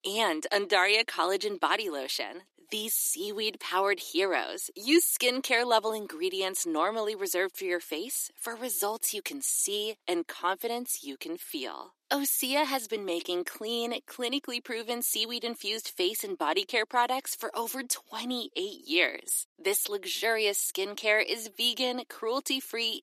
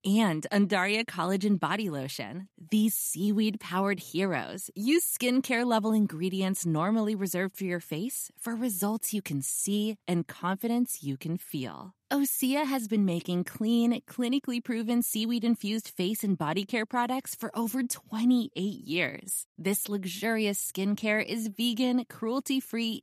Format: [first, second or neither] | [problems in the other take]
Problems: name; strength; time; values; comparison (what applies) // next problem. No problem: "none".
second | thin; very; fading below 350 Hz